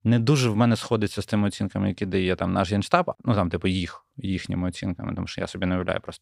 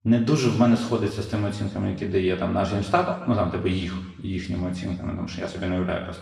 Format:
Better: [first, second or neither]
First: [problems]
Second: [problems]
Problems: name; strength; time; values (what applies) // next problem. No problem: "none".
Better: first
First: none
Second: room echo; noticeable; dies away in 1 s // off-mic speech; far